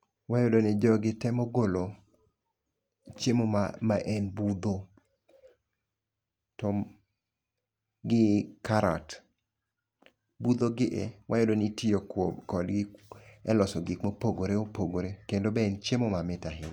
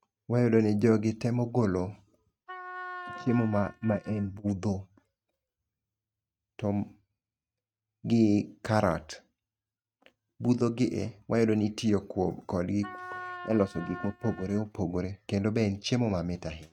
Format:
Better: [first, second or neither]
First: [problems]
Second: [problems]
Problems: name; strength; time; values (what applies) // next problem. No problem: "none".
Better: first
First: none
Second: noise reduction (neural mask model RNNoise)